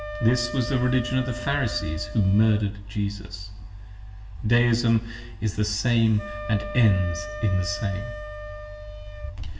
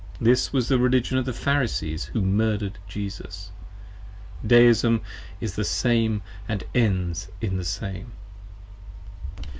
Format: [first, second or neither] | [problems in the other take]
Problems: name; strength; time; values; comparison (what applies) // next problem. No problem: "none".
second | background sound (Wind instrument, woodwind instrument); 14 dB below the speech // room echo; dies away in 0.9 s